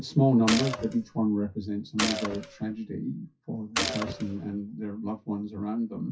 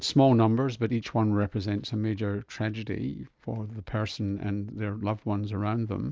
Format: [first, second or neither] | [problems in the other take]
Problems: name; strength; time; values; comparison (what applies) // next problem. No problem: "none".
second | noise reduction (classical method WPE with log-MMSE)